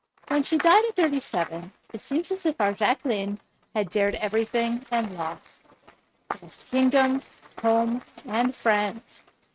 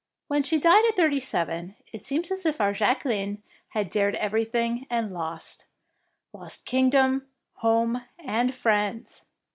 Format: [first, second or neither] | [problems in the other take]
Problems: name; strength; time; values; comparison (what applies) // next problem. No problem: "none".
second | noise reduction (neural mask model RNNoise)